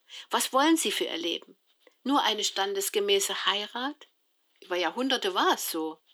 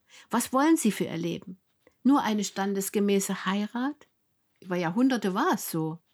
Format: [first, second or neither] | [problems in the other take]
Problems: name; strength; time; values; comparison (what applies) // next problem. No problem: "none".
second | thin; somewhat; fading below 300 Hz